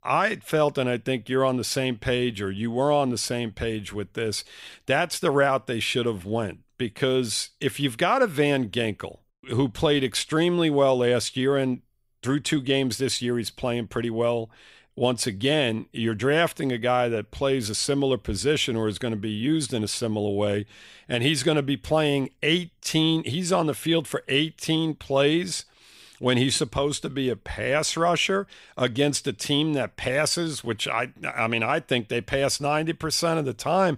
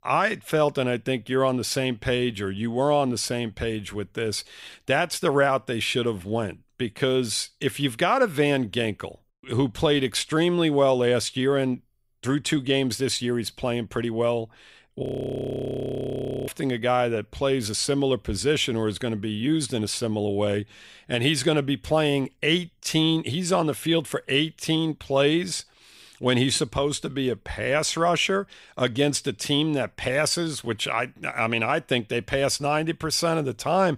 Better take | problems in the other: first | audio freezing; at 15 s for 1.5 s

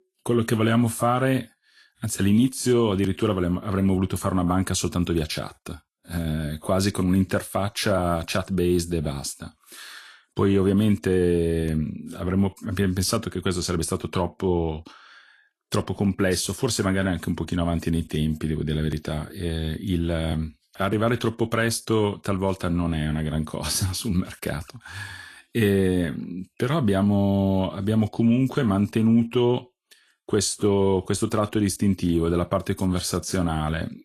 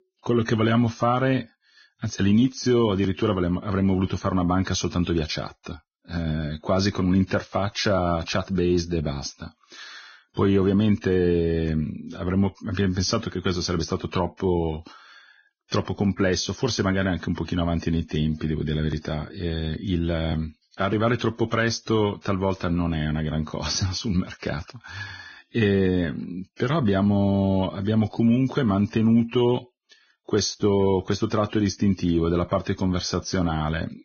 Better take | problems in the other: first | garbled, watery; badly; nothing above 6.5 kHz; slightly in the first

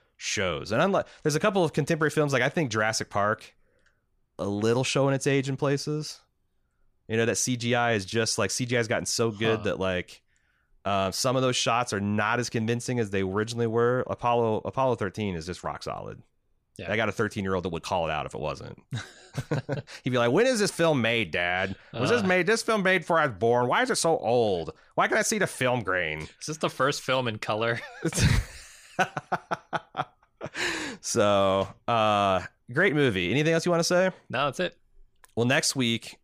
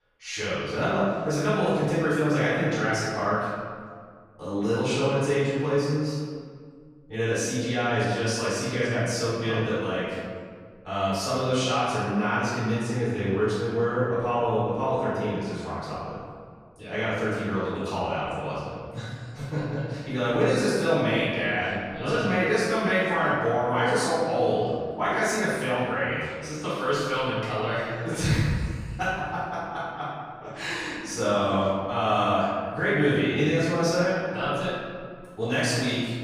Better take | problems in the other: first | off-mic speech; far // room echo; strong; dies away in 1.7 s

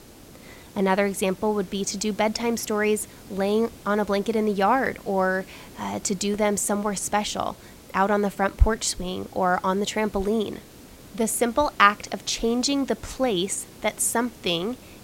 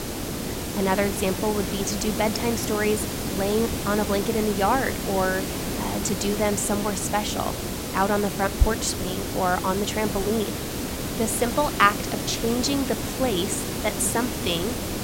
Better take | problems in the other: first | hiss; loud; throughout; 3 dB below the speech; faint in the first

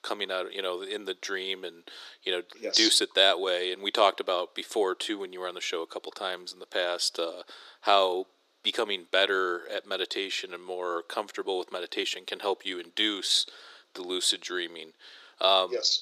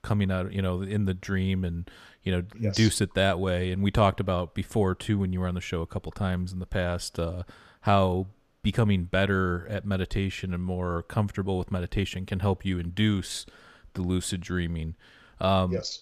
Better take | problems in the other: second | thin; very; fading below 350 Hz

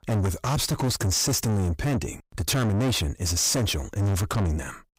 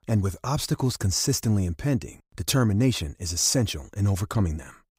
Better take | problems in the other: second | distortion; heavy; 6 dB below the speech

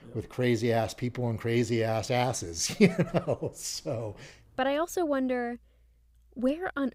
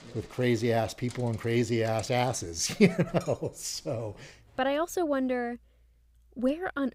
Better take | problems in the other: first | household noises; very faint; throughout; 25 dB below the speech

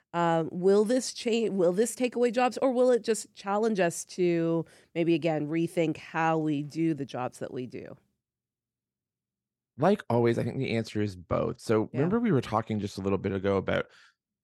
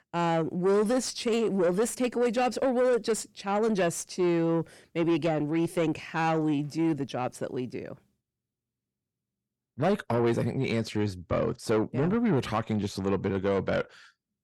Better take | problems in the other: first | distortion; slight; 10 dB below the speech

